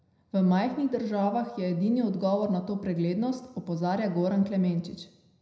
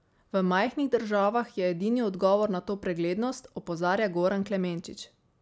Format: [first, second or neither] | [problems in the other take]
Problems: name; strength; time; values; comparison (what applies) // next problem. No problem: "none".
second | room echo; dies away in 0.7 s